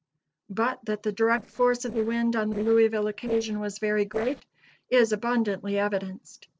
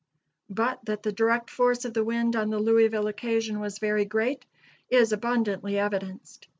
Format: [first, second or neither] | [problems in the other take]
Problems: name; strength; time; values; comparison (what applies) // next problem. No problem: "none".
second | noise reduction (neural separator model SepFormer DNS4)